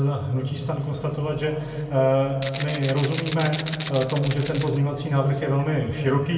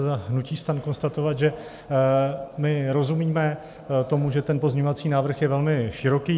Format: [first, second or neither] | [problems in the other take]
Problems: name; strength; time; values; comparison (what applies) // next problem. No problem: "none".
second | background sound (Rattle (instrument)); 12 dB below the speech // room echo; dies away in 1.9 s